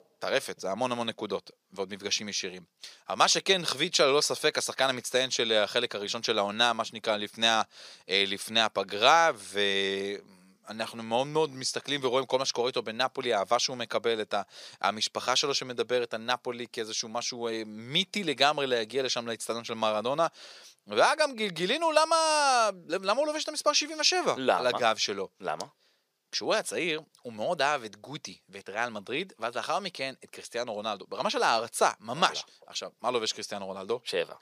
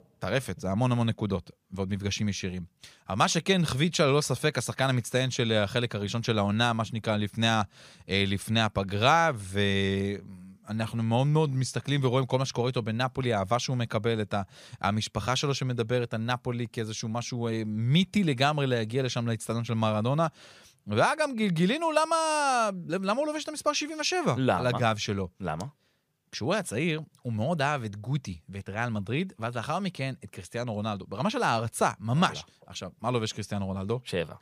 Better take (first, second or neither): second